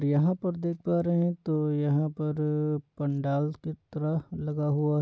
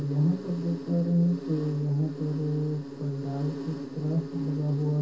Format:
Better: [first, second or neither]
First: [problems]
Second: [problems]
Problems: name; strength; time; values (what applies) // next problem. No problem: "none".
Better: first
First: none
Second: background sound (Insect); 9 dB below the speech // room echo; dies away in 0.3 s